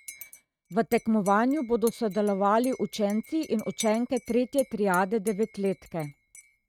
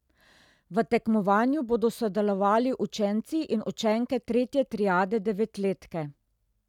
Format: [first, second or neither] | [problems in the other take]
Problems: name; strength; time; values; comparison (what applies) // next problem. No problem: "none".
second | noise reduction (neural mask model RNNoise)